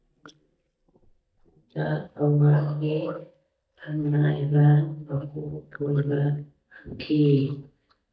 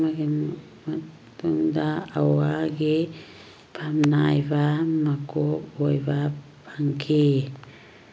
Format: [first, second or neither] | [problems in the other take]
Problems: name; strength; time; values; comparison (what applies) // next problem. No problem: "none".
second | noise reduction (neural mask model DeepFilterNet 3)